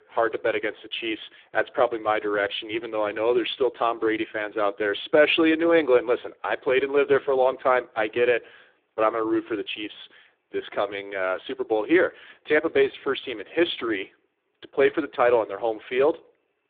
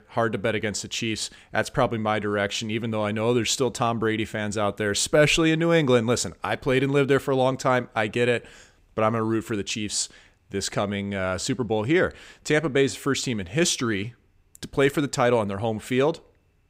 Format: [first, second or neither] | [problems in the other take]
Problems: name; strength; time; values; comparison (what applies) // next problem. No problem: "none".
second | phone-call audio; poor line; nothing above 3.5 kHz